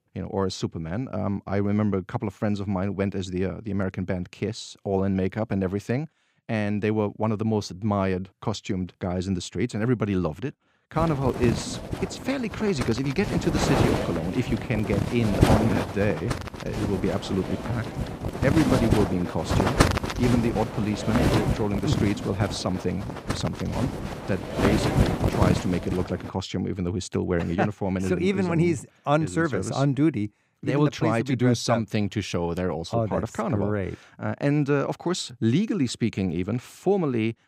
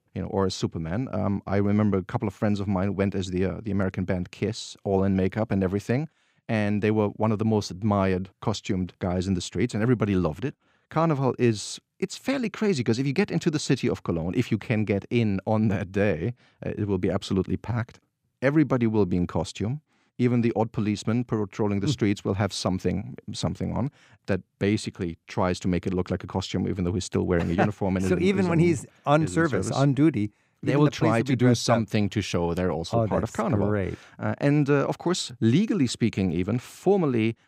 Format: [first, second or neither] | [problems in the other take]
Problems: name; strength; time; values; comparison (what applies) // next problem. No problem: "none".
second | wind noise on the microphone; heavy; from 11 to 26 s; 1 dB below the speech